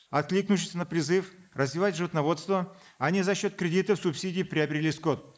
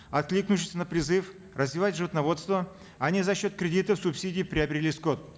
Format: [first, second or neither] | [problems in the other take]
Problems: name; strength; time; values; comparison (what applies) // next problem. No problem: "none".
second | noise reduction (neural mask model Resemble Enhance denoiser)